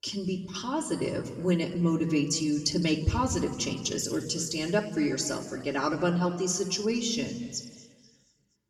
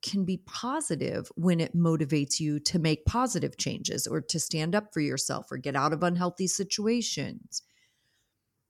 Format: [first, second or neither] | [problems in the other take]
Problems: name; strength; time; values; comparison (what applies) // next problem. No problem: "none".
second | room echo; slight; dies away in 1.7 s // off-mic speech; far